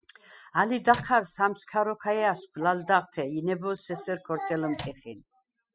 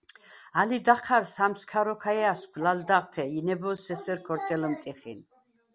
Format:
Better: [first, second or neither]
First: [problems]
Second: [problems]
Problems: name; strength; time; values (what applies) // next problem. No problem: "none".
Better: second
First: noise reduction (classical method spectral subtraction)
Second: none